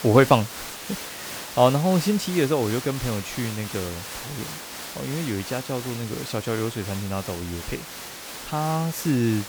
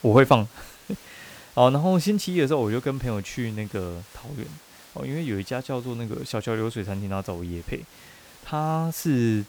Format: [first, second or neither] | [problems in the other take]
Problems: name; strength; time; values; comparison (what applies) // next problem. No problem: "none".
second | hiss; loud; throughout; 9 dB below the speech; faint in the second